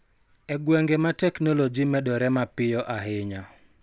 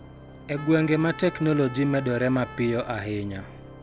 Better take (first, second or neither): first